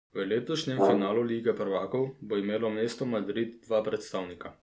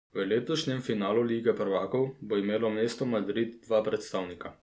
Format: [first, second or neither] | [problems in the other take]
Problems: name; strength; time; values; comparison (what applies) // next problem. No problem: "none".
second | background sound (Brass instrument); as loud as the speech